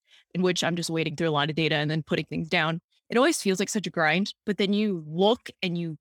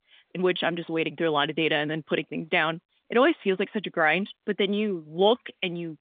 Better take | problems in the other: first | phone-call audio; nothing above 3.5 kHz

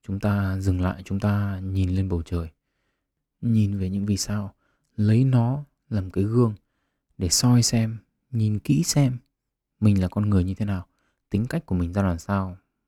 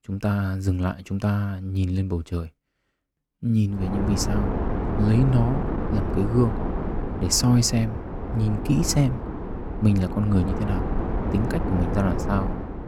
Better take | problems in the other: first | wind noise on the microphone; heavy; from 4 s on; 3 dB below the speech

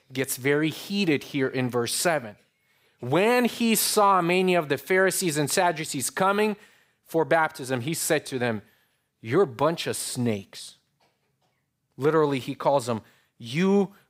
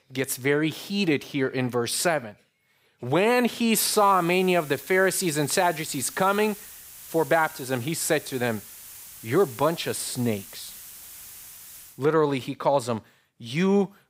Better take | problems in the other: first | hiss; noticeable; from 4 to 12 s; 15 dB below the speech

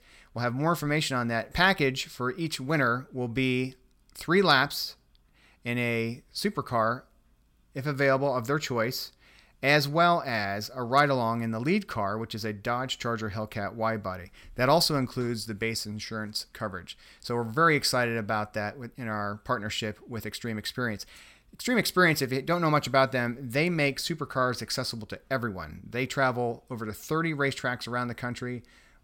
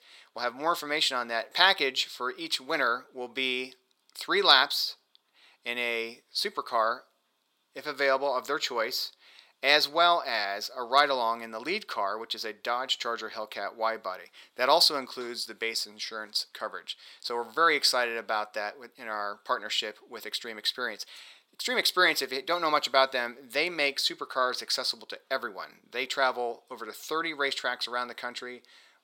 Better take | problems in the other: first | thin; very; fading below 400 Hz

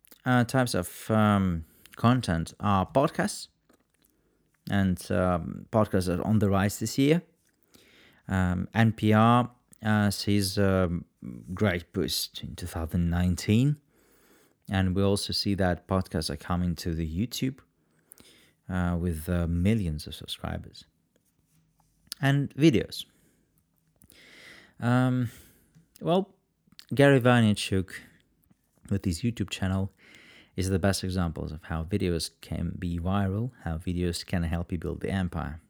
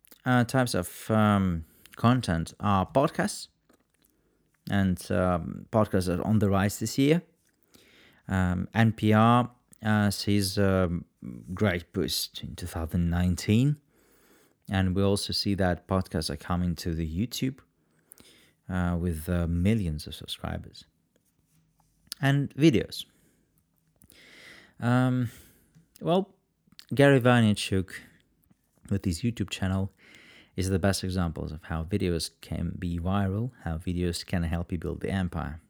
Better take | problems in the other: neither | none

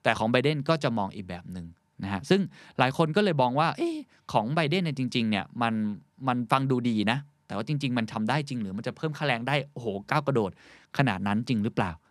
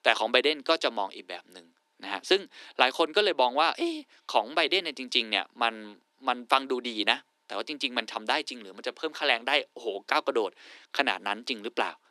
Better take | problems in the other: first | thin; very; fading below 300 Hz

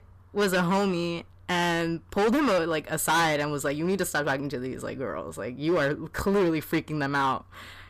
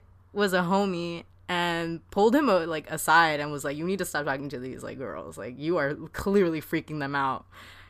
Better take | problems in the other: second | distortion; heavy; 9% of the sound clipped

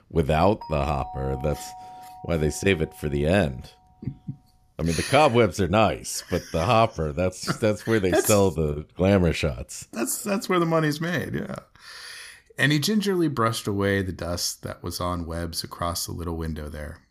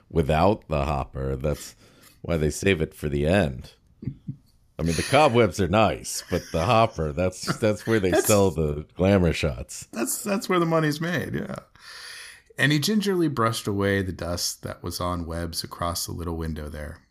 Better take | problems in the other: second | doorbell; faint; from 0.5 to 3.5 s; peak 15 dB below the speech

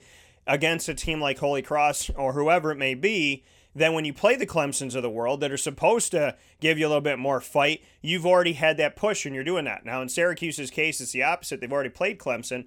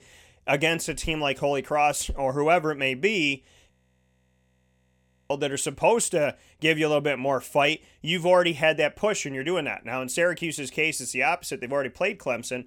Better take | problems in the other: first | audio freezing; at 3.5 s for 1.5 s

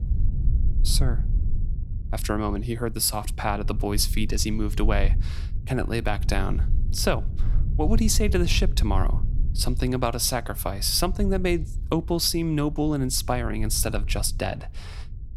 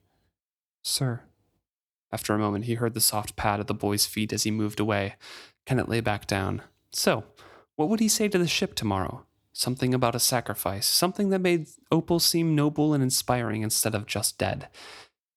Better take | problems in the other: second | low rumble; noticeable; throughout; 20 dB below the speech

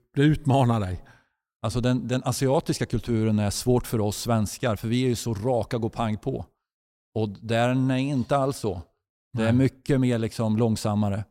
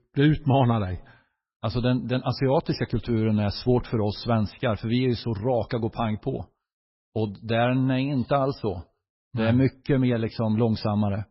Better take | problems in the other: first | garbled, watery; badly; nothing above 5.5 kHz

